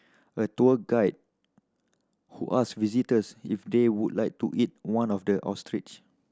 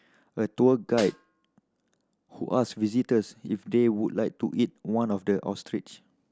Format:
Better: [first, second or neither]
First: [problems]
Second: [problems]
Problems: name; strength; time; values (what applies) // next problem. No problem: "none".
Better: first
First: none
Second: background sound (Snare drum); 18 dB below the speech